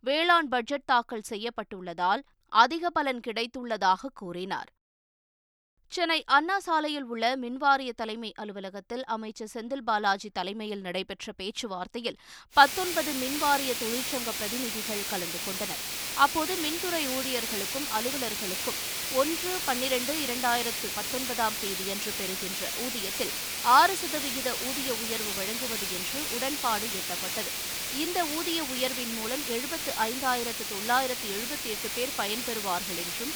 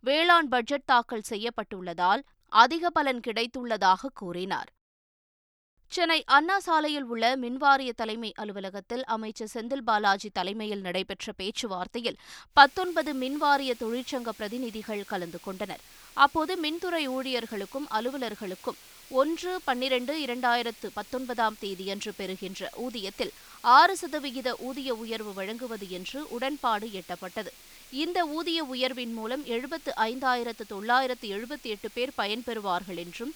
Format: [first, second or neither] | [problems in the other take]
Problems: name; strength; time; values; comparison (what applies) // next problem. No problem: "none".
second | hiss; loud; from 13 s on; 1 dB below the speech; faint in the second